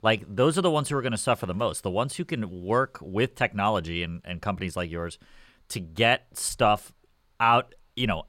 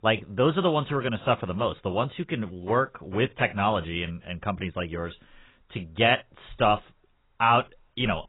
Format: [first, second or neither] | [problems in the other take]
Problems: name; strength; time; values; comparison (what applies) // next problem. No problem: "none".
first | garbled, watery; badly; nothing above 3.5 kHz